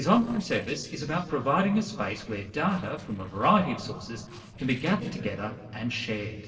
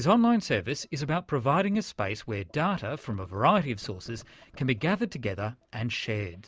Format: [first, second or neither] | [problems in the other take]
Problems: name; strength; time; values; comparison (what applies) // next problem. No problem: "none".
second | noise reduction (neural separator model SepFormer DNS4)